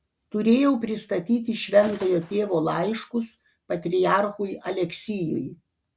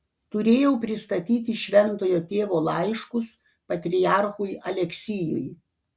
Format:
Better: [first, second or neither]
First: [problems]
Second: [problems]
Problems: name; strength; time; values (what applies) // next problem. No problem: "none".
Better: second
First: background sound (Gunshot, gunfire); 19 dB below the speech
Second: none